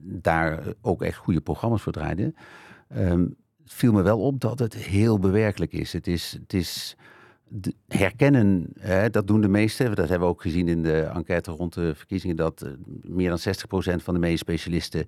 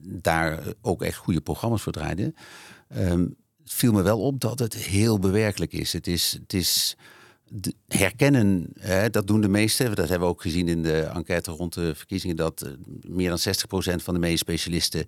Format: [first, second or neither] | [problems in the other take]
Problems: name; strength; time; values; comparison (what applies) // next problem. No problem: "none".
second | muffled; slightly; fading above 3 kHz